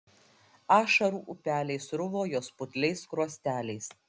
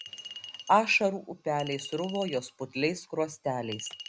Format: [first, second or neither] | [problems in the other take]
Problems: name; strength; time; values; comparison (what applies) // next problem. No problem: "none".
first | background sound (Chink, clink); 16 dB below the speech